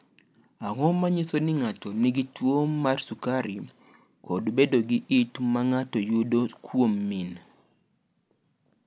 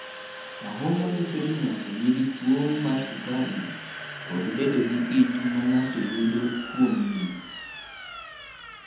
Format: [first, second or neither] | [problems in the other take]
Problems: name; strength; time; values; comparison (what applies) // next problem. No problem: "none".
first | background sound (Domestic sounds, home sounds); 11 dB below the speech // room echo; dies away in 0.8 s